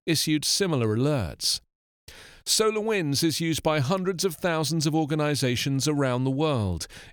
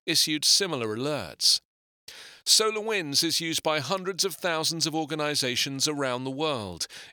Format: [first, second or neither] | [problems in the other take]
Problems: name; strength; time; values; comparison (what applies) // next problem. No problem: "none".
first | thin; somewhat; fading below 500 Hz